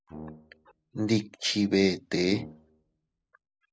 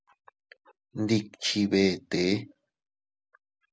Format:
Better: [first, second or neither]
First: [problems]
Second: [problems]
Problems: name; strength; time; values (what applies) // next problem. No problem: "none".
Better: second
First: background sound (Brass instrument); 18 dB below the speech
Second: none